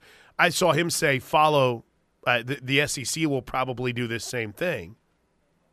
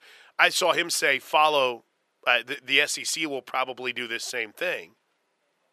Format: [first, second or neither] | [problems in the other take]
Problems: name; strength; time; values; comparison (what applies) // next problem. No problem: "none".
first | thin; somewhat; fading below 400 Hz